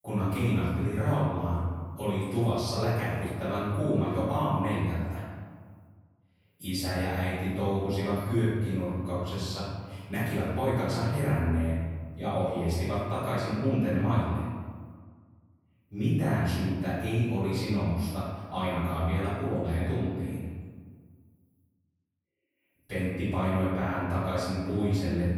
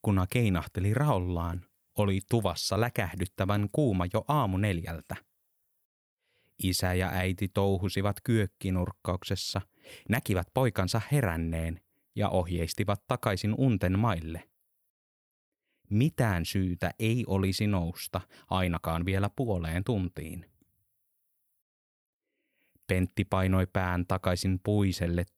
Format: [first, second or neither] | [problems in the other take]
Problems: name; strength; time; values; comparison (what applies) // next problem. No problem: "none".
second | off-mic speech; far // room echo; strong; dies away in 1.5 s